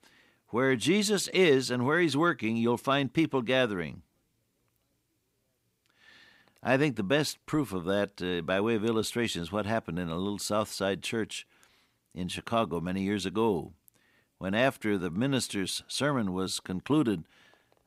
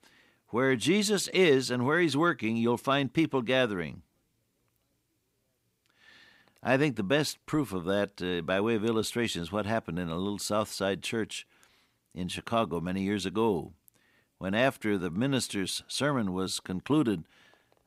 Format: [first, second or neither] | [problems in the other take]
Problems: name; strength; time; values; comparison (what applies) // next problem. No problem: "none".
neither | none